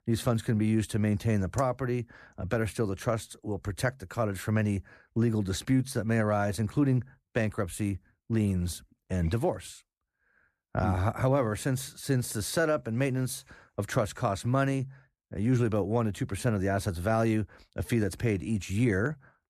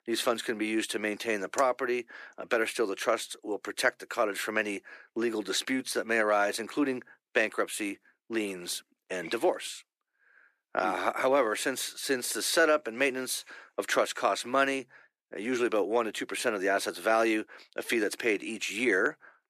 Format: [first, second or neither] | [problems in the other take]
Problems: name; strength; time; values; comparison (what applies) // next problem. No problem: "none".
first | thin; somewhat; fading below 350 Hz